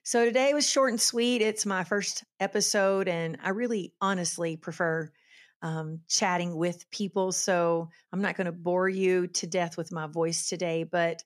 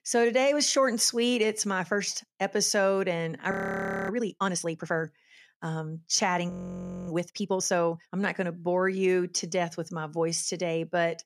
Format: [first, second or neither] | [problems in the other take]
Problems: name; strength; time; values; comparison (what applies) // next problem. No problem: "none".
first | audio freezing; at 3.5 s for 0.5 s and at 6.5 s for 0.5 s